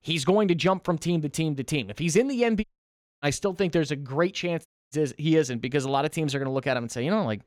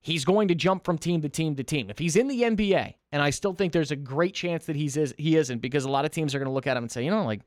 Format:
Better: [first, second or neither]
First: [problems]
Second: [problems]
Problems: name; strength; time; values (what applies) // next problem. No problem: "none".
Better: second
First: audio cutting out; at 2.5 s for 0.5 s and at 4.5 s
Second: none